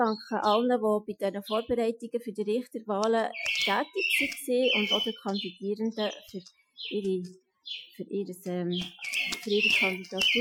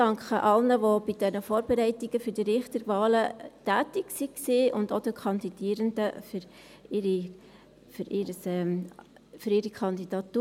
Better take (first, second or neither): second